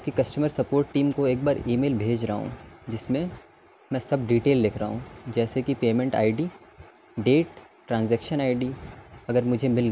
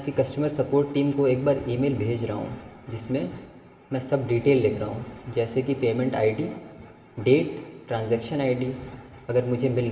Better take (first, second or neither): first